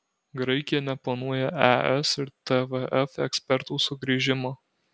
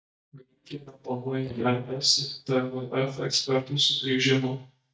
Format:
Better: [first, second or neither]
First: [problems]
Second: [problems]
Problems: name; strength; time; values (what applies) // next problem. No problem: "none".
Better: first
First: none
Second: noise reduction (neural mask model DeepFilterNet 3)